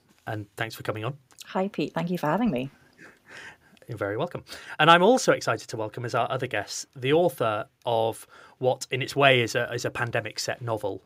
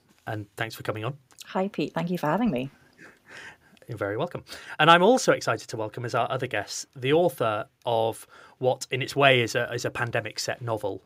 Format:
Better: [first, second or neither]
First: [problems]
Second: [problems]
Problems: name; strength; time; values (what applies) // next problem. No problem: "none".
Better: neither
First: none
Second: none